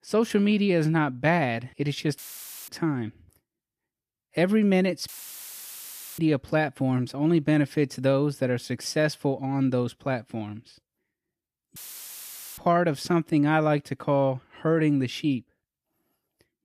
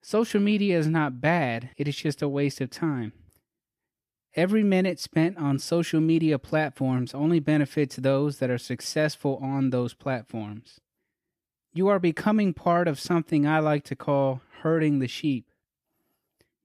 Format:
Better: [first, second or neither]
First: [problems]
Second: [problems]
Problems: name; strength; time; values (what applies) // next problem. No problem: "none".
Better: second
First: audio cutting out; filled with static; at 2 s for 0.5 s, at 5 s for 1 s and at 12 s for 1 s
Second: none